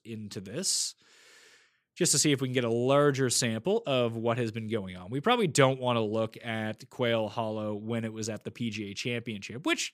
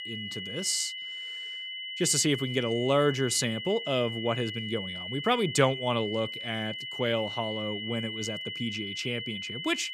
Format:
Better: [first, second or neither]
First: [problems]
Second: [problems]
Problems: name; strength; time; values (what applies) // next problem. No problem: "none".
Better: first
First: none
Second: high-pitched whine; loud; throughout; 3 kHz, 6 dB below the speech